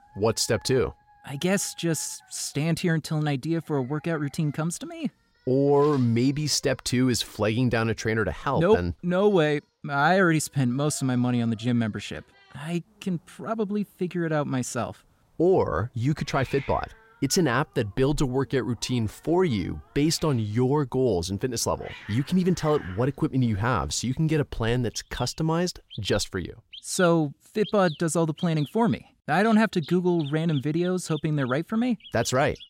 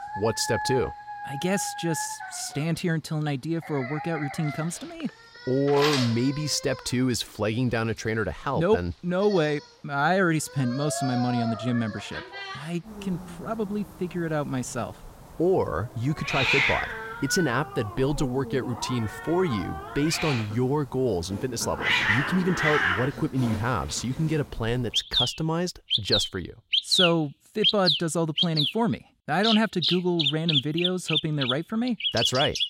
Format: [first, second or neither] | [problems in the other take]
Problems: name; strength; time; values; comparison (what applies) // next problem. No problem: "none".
first | animal sounds; loud; throughout; as loud as the speech; faint in the first